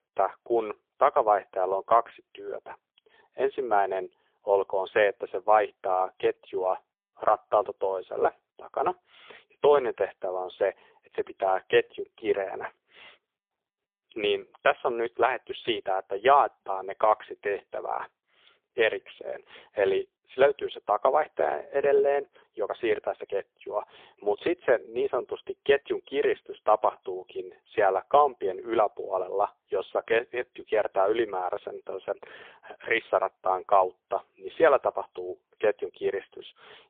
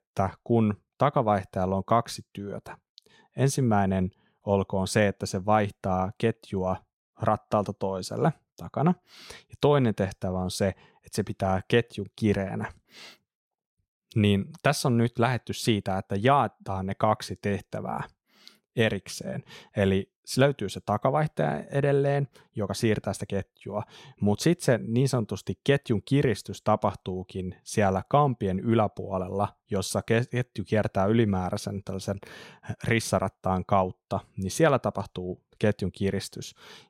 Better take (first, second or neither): second